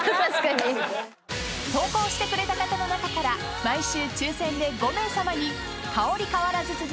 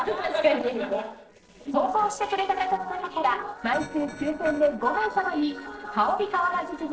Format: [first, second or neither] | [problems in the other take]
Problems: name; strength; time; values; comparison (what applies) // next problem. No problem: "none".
first | noise reduction (neural separator model SepFormer DNS4)